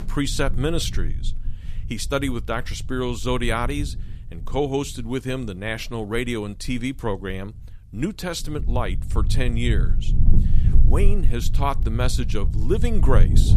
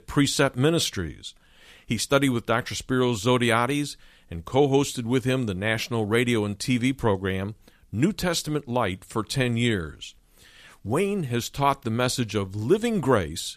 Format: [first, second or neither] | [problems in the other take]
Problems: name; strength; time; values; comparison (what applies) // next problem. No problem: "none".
second | rain or running water; very loud; throughout; 2 dB above the speech